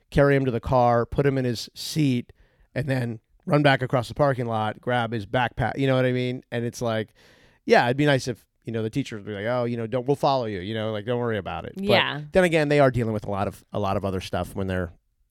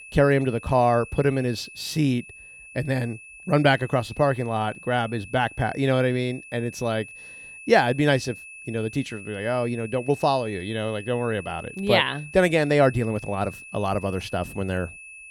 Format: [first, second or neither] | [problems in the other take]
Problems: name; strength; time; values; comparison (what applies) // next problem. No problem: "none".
first | high-pitched whine; noticeable; throughout; 2.5 kHz, 15 dB below the speech